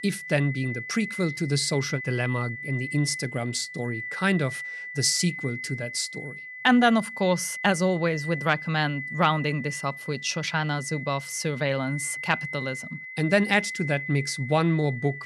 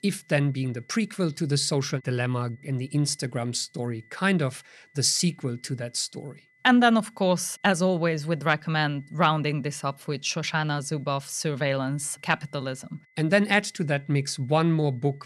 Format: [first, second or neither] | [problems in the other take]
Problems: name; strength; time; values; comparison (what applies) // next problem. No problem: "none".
second | high-pitched whine; loud; throughout; 2 kHz, 9 dB below the speech; faint in the second